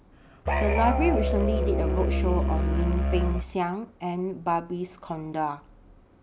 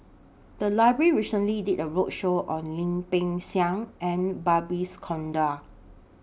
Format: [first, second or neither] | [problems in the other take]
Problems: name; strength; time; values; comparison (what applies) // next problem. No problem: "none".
second | background sound (Musical instrument); 5 dB above the speech